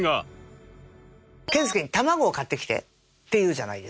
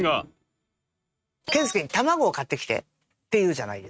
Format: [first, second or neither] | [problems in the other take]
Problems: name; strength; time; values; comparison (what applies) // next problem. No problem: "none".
first | noise reduction (neural mask model RNNoise)